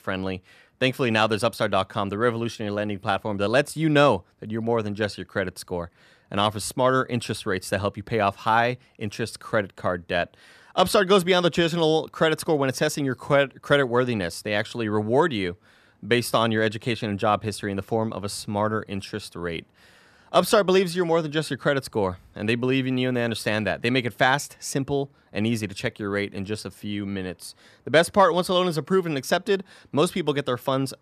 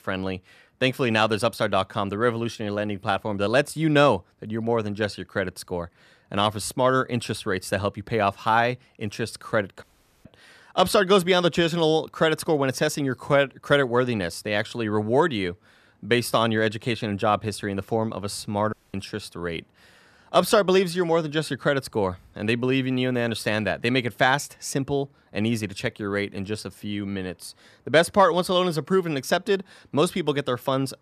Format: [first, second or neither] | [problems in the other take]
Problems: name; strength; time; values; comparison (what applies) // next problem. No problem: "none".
first | audio cutting out; at 10 s and at 19 s